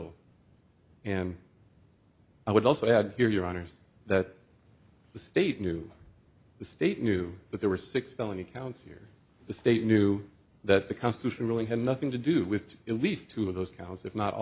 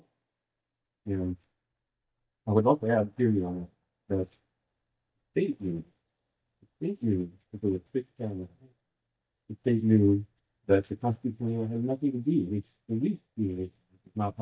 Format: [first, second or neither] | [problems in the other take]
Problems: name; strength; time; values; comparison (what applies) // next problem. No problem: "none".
first | noise reduction (neural mask model DeepFilterNet 3)